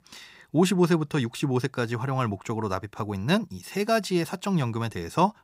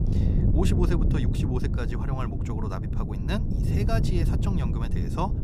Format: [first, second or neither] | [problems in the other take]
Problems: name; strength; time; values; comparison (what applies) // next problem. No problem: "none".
first | wind noise on the microphone; heavy; 2 dB below the speech